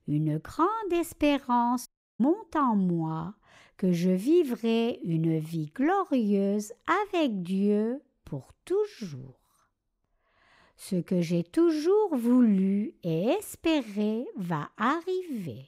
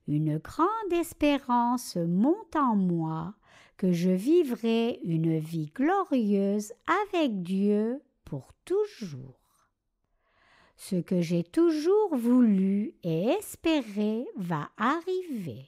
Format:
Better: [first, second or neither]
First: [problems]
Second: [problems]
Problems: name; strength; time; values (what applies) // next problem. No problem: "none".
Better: second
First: audio cutting out; at 2 s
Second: none